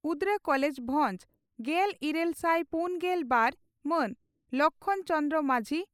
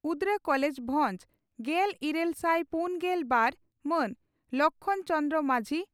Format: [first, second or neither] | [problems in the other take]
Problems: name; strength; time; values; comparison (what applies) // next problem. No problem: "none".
second | noise reduction (neural mask model Resemble Enhance denoiser)